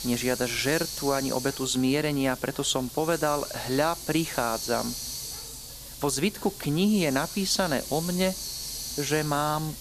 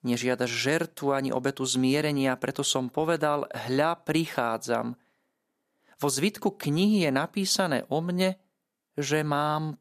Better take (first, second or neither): second